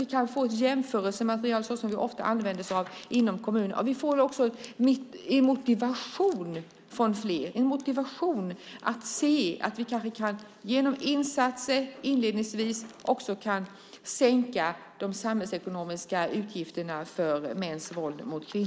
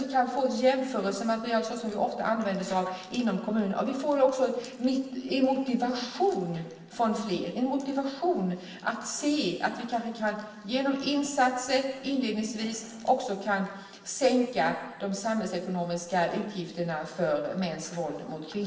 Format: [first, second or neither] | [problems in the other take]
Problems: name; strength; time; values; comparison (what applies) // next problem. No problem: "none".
first | room echo; dies away in 1.2 s